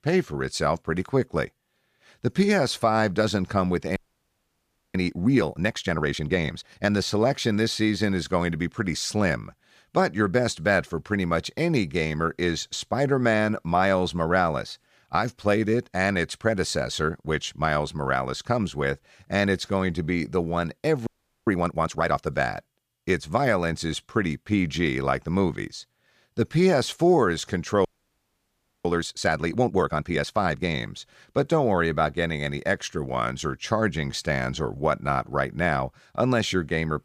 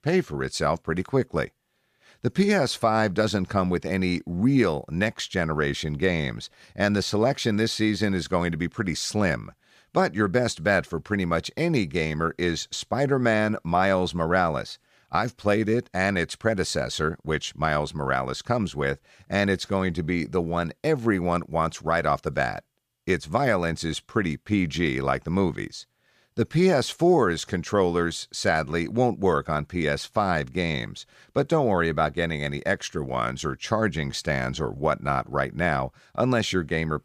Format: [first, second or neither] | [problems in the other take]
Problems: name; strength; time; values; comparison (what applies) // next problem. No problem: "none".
second | audio freezing; at 4 s for 1 s, at 21 s and at 28 s for 1 s